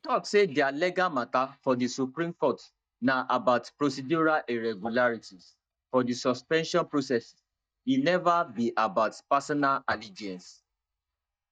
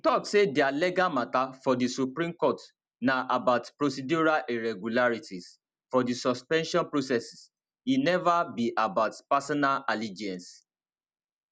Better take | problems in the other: second | noise reduction (neural mask model DeepFilterNet 3)

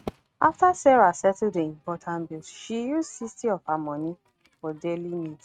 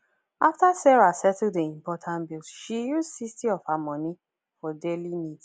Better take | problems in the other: second | noise reduction (neural mask model RNNoise)

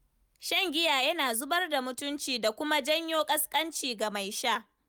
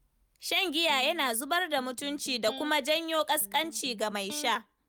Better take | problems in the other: first | background sound (Electric guitar); 18 dB below the speech

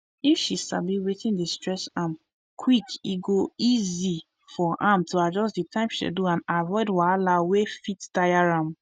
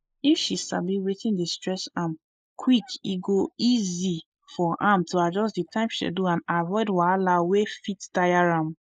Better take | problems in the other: first | noise reduction (neural mask model Resemble Enhance denoiser)

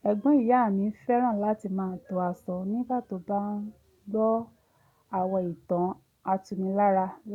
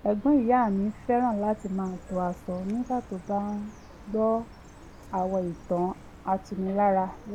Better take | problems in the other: first | background sound (Chirp, tweet); 19 dB below the speech

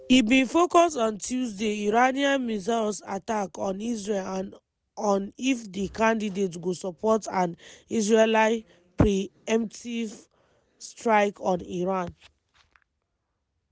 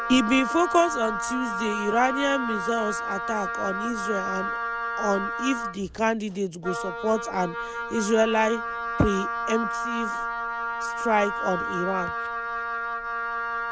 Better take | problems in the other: first | background sound (Wind instrument, woodwind instrument); 3 dB below the speech

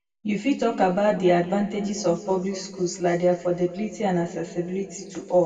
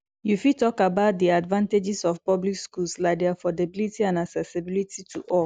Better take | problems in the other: second | room echo; dies away in 2 s

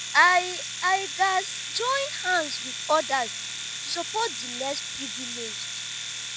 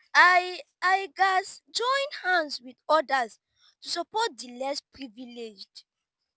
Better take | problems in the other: second | background sound (Domestic sounds, home sounds); 6 dB below the speech

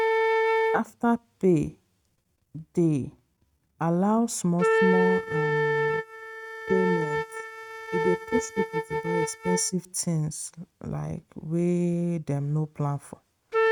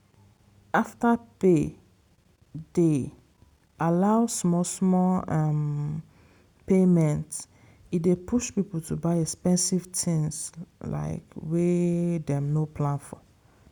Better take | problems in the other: second | noise reduction (neural mask model RNNoise)

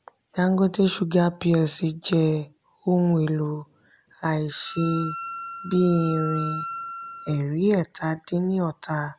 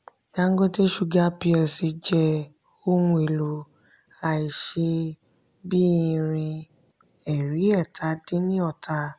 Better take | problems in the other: second | background sound (Wind instrument, woodwind instrument); 10 dB below the speech

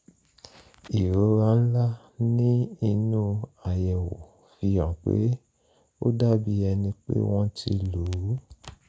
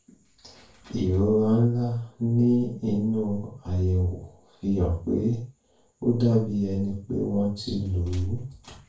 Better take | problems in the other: first | room echo; dies away in 0.3 s

